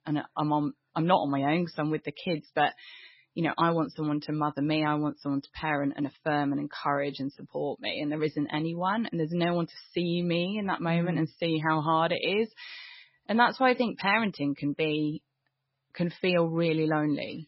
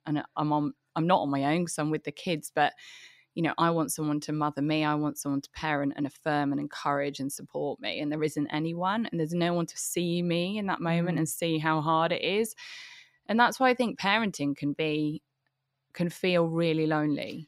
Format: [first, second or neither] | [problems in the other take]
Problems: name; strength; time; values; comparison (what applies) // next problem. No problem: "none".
second | garbled, watery; badly; nothing above 5.5 kHz